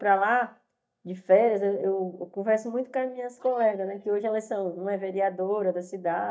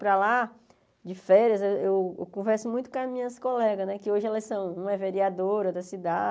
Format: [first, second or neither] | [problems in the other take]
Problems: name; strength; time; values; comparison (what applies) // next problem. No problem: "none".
second | noise reduction (neural mask model DeepFilterNet 3)